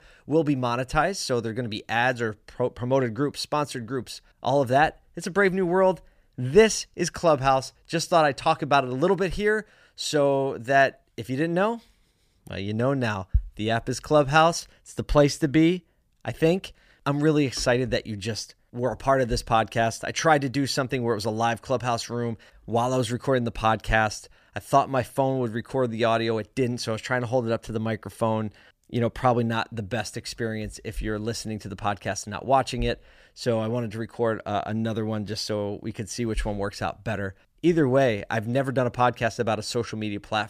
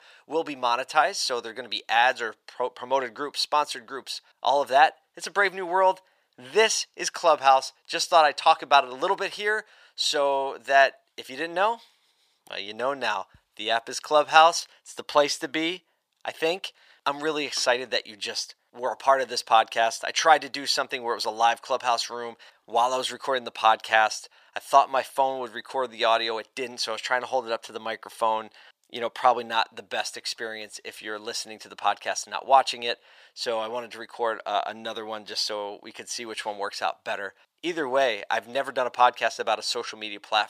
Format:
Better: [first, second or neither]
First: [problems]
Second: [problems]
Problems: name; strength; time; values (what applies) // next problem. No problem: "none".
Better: first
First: none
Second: thin; very; fading below 550 Hz